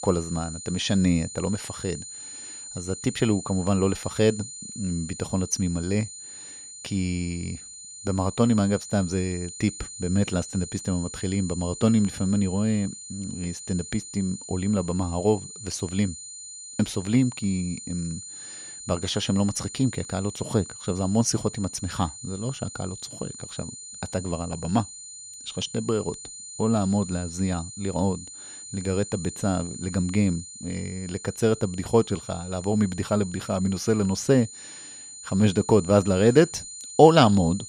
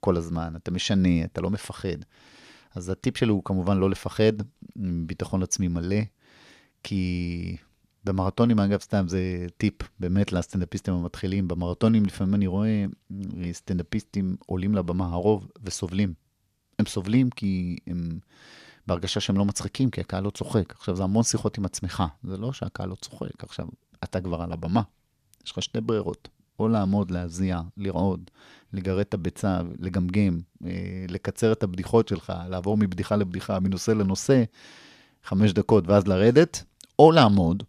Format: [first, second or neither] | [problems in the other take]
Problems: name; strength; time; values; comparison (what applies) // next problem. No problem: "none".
second | high-pitched whine; noticeable; throughout; 7 kHz, 10 dB below the speech